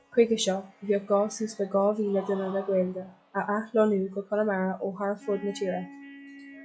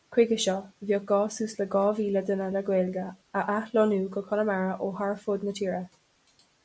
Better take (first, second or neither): second